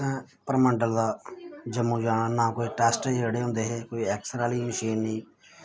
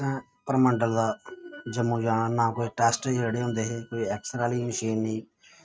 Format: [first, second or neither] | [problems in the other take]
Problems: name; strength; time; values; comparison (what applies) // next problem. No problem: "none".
first | noise reduction (neural mask model RNNoise)